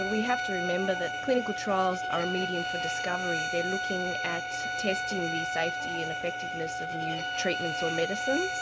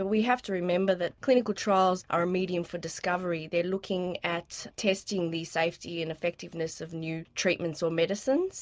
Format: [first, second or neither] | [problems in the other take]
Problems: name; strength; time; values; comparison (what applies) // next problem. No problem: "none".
second | background sound (Bowed string instrument); as loud as the speech